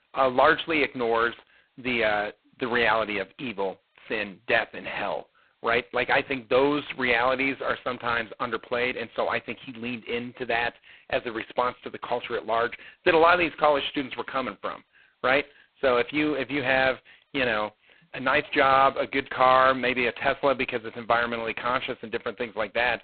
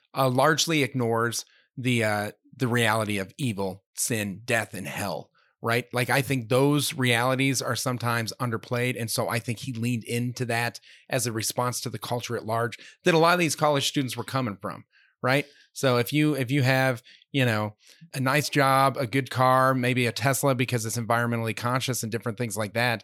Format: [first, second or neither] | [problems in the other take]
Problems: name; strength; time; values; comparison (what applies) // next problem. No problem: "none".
second | phone-call audio; poor line; nothing above 4 kHz